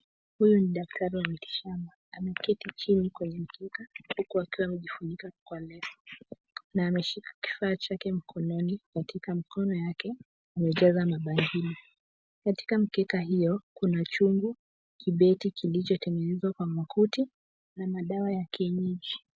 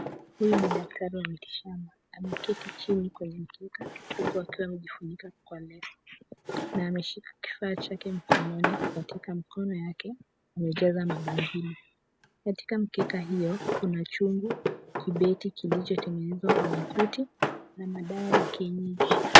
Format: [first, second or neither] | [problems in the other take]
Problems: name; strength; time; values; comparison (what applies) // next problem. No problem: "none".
first | background sound (Drawer open or close); 1 dB above the speech